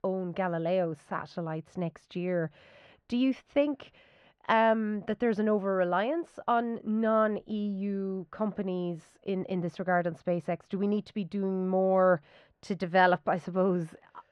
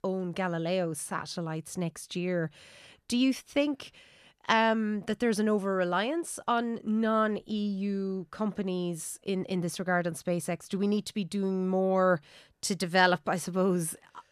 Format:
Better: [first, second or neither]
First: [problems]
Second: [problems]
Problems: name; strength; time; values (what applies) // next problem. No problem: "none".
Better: second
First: muffled; very; fading above 2.5 kHz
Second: none